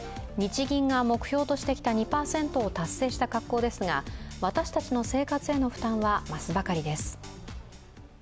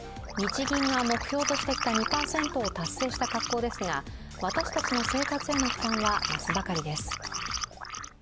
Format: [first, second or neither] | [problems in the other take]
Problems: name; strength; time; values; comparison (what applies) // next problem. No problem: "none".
first | background sound (Liquid); 2 dB below the speech